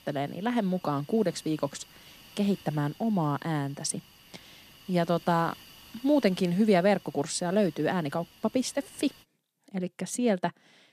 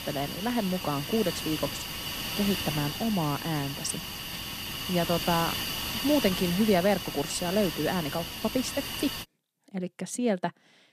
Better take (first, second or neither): first